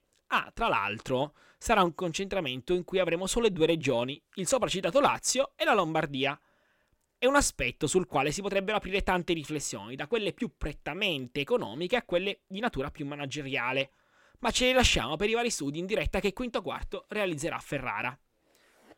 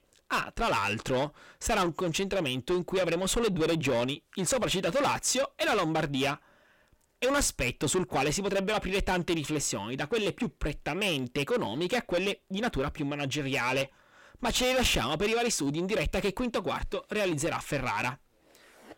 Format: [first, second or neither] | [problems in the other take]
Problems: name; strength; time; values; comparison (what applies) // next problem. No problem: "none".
first | distortion; heavy; 7 dB below the speech